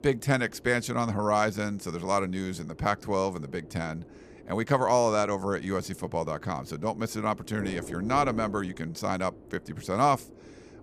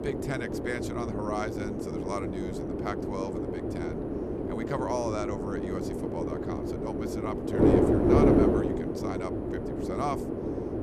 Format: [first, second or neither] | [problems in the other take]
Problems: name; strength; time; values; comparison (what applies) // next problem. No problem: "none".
first | wind noise on the microphone; heavy; 5 dB above the speech; occasional gusts in the first